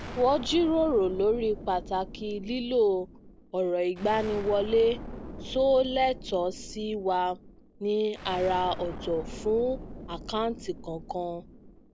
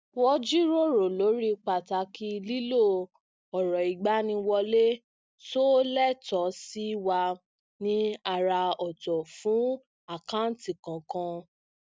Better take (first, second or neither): second